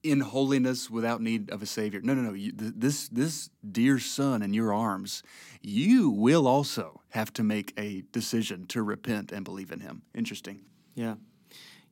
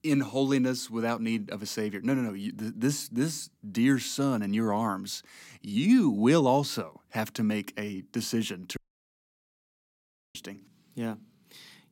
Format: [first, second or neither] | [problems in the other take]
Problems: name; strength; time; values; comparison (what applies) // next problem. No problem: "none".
first | audio cutting out; at 9 s for 1.5 s